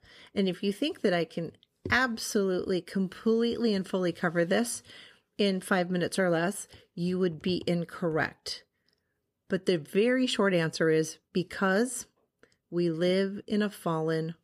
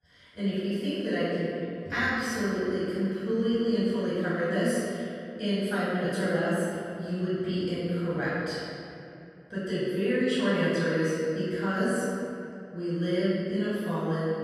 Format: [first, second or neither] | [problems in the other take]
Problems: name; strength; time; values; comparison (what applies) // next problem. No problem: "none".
first | off-mic speech; far // room echo; strong; dies away in 2.5 s